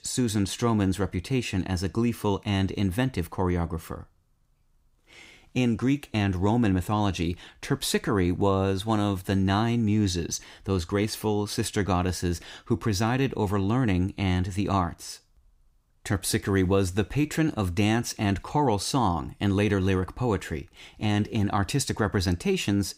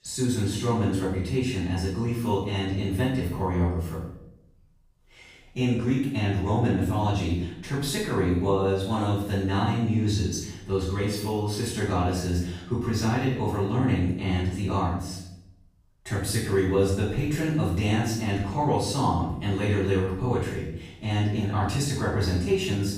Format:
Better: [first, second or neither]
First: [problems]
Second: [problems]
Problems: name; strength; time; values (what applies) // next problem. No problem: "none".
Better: first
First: none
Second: off-mic speech; far // room echo; noticeable; dies away in 0.7 s